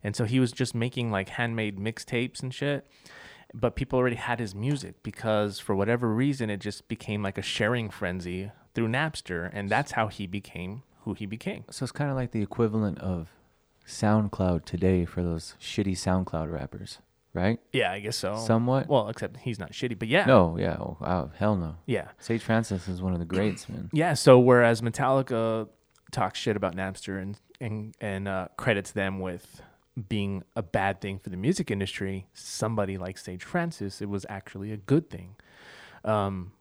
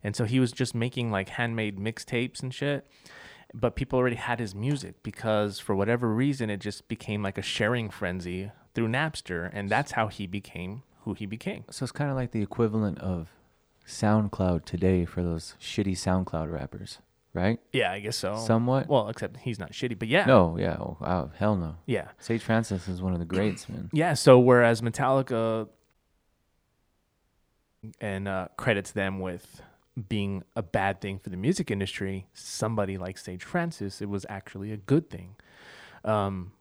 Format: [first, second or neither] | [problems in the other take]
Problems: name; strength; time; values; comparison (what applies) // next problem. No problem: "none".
first | audio cutting out; at 26 s for 2 s